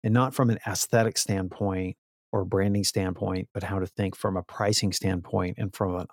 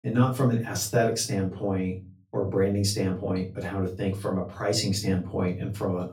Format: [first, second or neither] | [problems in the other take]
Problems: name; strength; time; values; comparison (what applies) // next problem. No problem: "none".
first | off-mic speech; far // room echo; very slight; dies away in 0.3 s